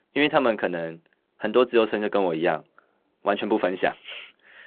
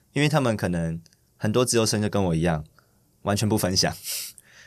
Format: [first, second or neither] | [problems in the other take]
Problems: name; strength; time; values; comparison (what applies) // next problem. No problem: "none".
second | phone-call audio; nothing above 3.5 kHz